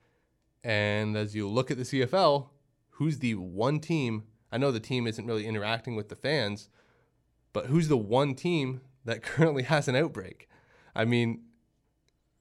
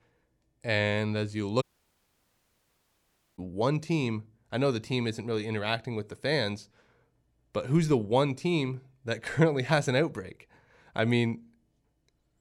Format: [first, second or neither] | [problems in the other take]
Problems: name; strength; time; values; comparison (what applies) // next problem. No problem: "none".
first | audio cutting out; at 1.5 s for 2 s